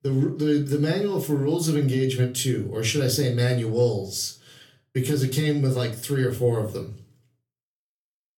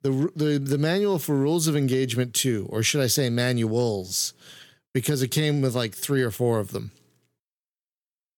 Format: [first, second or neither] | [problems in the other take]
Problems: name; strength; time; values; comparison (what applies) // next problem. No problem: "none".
second | off-mic speech; far // room echo; very slight; dies away in 0.3 s